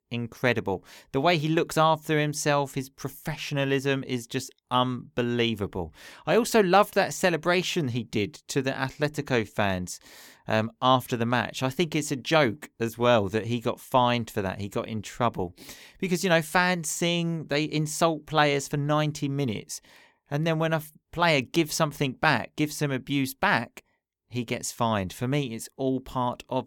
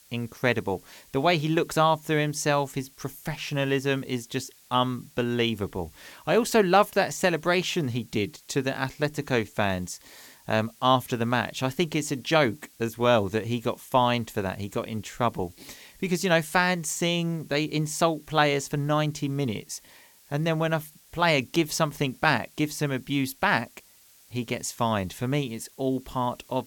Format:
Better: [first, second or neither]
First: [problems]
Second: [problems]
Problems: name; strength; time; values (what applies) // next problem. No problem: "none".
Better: first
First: none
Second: hiss; faint; throughout; 25 dB below the speech